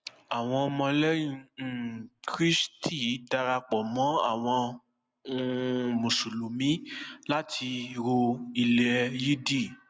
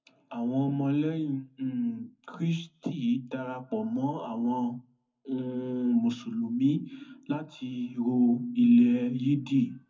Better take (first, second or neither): first